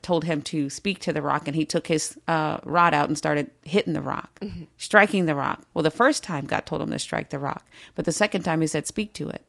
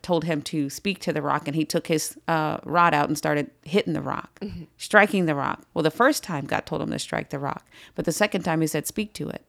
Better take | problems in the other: second | garbled, watery; slightly; nothing above 10.5 kHz

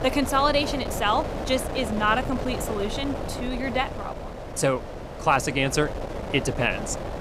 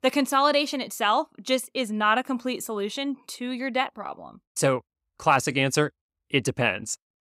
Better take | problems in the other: second | wind noise on the microphone; heavy; 9 dB below the speech

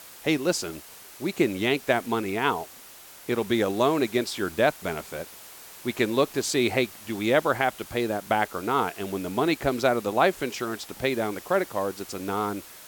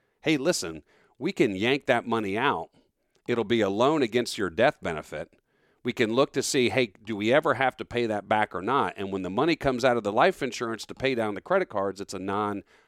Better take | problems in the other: second | hiss; noticeable; throughout; 15 dB below the speech

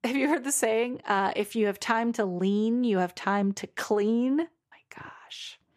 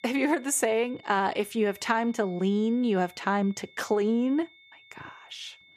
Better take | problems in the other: first | high-pitched whine; faint; throughout; 2 kHz, 25 dB below the speech

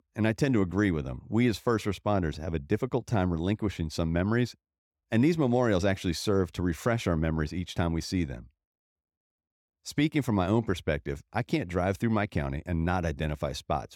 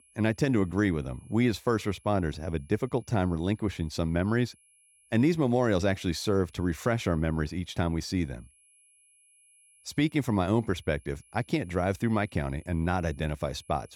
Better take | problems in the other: first | high-pitched whine; faint; throughout; 10.5 kHz, 30 dB below the speech

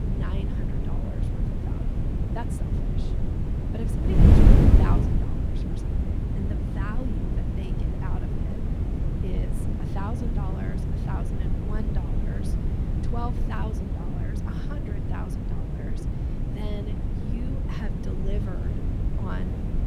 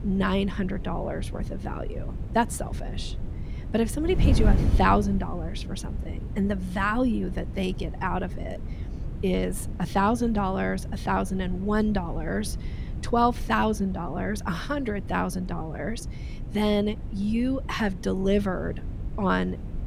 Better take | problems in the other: second | wind noise on the microphone; heavy; 4 dB above the speech; occasional gusts in the second

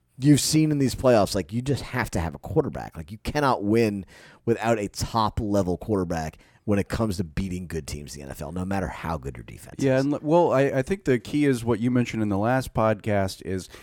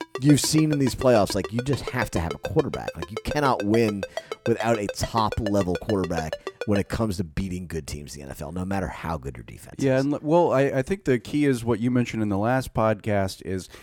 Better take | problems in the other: first | phone ringing; noticeable; until 7 s; peak 9 dB below the speech

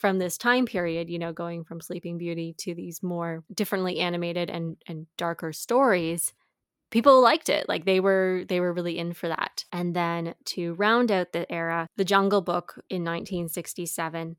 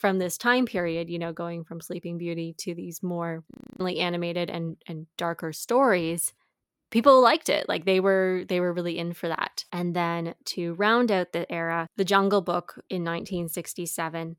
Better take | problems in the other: first | audio freezing; at 3.5 s

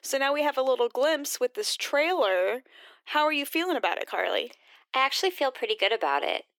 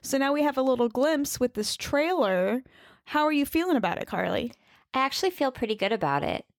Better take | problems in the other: second | thin; somewhat; fading below 350 Hz

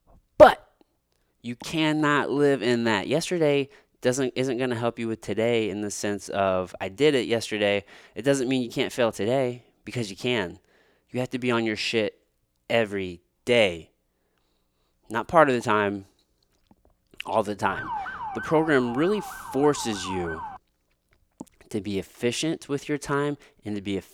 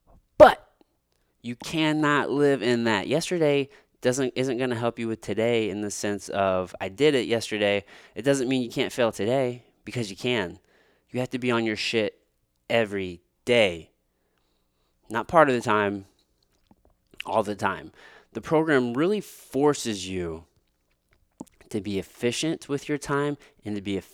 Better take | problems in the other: second | siren; noticeable; from 18 to 21 s; peak 7 dB below the speech

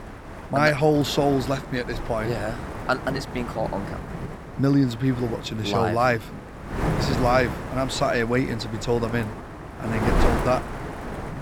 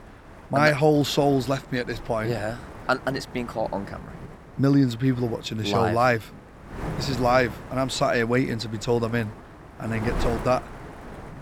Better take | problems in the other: second | wind noise on the microphone; heavy; 8 dB below the speech; occasional gusts in the second

